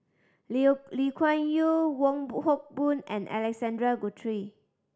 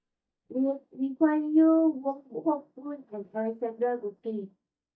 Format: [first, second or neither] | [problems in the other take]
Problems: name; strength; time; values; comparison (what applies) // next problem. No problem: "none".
first | noise reduction (neural mask model DeepFilterNet 3)